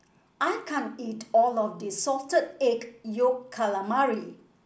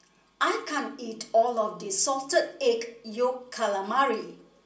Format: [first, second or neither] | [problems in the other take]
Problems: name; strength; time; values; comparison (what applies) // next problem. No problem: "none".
first | room echo; dies away in 0.2 s